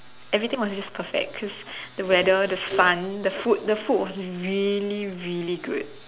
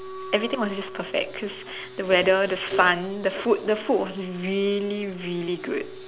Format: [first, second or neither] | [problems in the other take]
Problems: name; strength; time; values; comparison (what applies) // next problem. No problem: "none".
first | background sound (Wind instrument, woodwind instrument); 17 dB below the speech